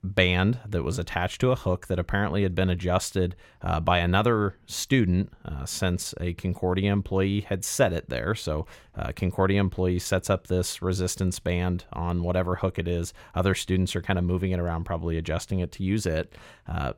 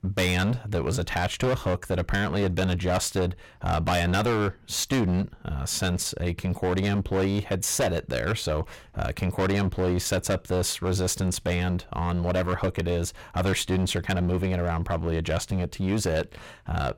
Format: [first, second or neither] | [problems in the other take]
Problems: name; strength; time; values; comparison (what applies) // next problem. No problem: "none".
first | distortion; heavy; 16% of the sound clipped